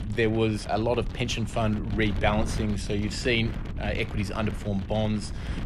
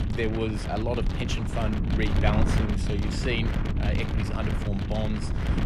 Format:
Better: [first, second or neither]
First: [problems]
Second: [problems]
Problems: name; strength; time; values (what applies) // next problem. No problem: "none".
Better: first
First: wind noise on the microphone; occasional gusts; 15 dB below the speech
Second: wind noise on the microphone; heavy; 3 dB below the speech